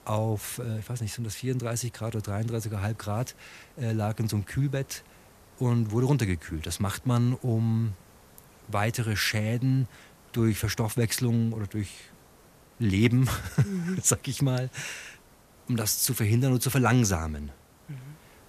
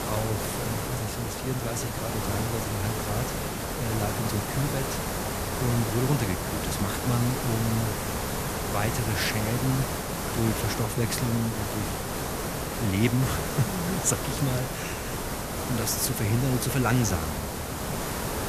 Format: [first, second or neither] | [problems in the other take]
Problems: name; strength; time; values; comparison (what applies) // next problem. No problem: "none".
first | hiss; loud; throughout; 1 dB below the speech; faint in the first